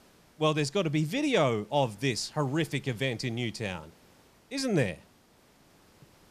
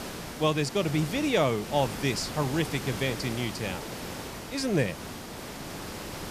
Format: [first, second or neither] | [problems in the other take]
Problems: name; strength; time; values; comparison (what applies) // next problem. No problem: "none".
first | hiss; loud; throughout; 9 dB below the speech; faint in the first